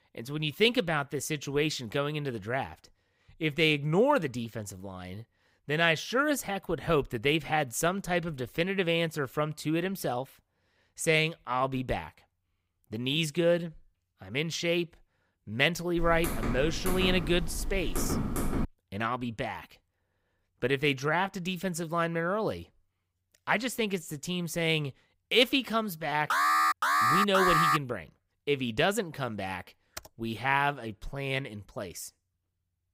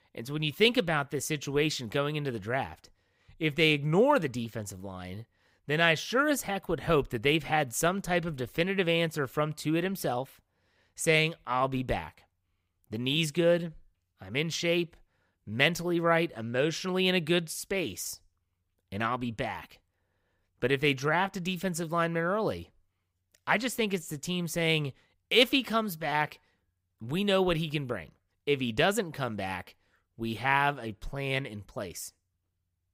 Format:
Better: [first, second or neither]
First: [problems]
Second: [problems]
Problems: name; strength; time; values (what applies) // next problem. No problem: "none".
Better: second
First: keyboard typing; noticeable; from 16 to 19 s; peak 2 dB below the speech // alarm; loud; from 26 to 28 s; peak 6 dB above the speech // keyboard typing; faint; at 30 s; peak 15 dB below the speech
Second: none